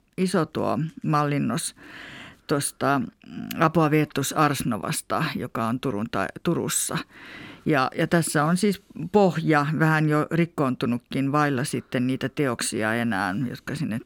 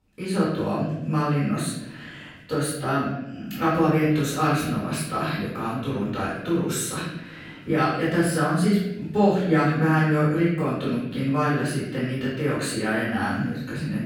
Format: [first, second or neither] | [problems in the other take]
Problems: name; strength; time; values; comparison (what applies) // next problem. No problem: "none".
first | off-mic speech; far // room echo; noticeable; dies away in 0.9 s